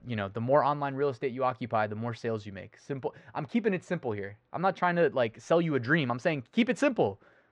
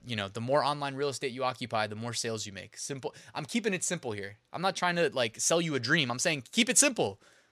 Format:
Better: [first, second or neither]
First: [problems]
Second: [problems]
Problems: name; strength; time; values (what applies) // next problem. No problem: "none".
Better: second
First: muffled; very; fading above 1.5 kHz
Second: none